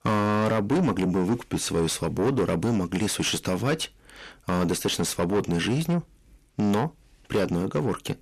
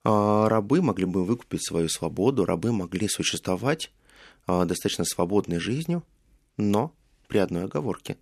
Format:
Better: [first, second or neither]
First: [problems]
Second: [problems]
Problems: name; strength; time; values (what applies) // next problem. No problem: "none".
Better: second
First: distortion; heavy; 6 dB below the speech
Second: none